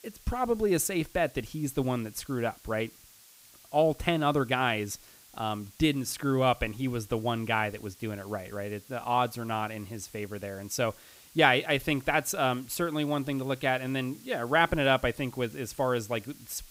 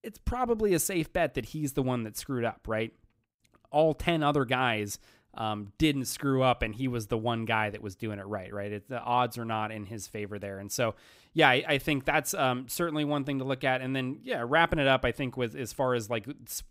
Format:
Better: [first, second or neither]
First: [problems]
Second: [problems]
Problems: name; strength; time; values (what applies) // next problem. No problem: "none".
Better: second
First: hiss; faint; throughout; 25 dB below the speech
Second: none